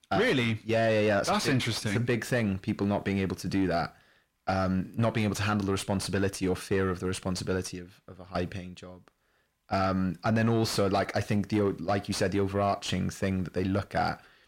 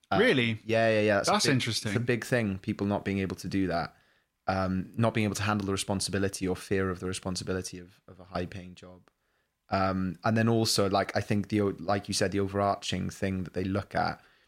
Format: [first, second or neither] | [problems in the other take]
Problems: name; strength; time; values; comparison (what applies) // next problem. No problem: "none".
second | distortion; slight; 10 dB below the speech